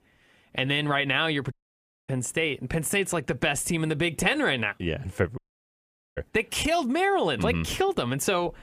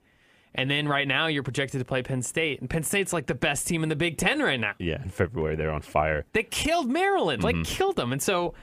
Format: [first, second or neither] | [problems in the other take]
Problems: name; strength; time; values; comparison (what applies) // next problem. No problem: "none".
second | audio cutting out; at 1.5 s for 0.5 s and at 5.5 s for 1 s